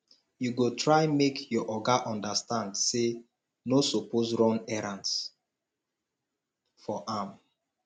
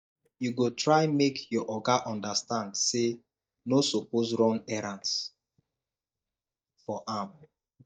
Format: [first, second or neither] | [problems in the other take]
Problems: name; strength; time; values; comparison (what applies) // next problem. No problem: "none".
first | noise reduction (neural mask model DeepFilterNet 3)